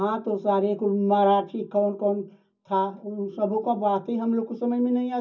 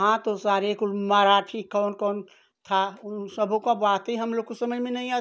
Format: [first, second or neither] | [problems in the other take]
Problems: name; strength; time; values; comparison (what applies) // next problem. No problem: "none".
second | room echo; dies away in 0.4 s